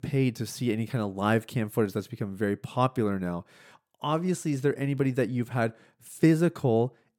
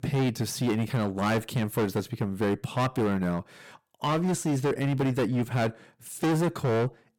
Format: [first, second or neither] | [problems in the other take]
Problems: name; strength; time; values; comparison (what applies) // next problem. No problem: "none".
first | distortion; heavy; 18% of the sound clipped